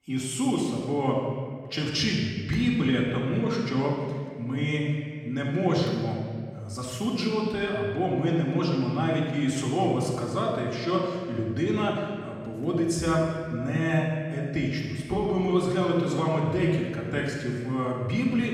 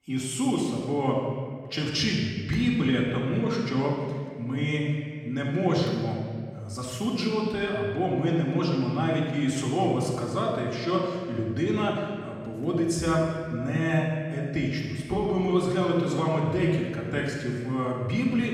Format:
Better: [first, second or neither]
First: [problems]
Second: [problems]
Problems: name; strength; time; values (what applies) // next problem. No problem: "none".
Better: neither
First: off-mic speech; far // room echo; noticeable; dies away in 1.5 s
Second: off-mic speech; far // room echo; noticeable; dies away in 1.5 s